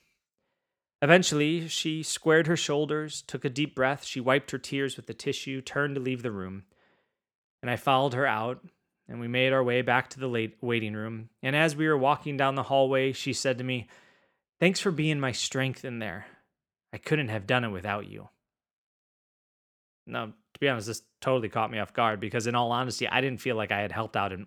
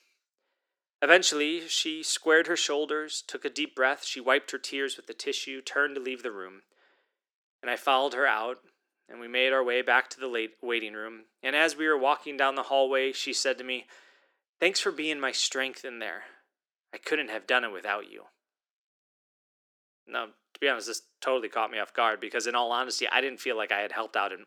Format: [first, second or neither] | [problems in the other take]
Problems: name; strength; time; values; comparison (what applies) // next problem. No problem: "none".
first | thin; somewhat; fading below 300 Hz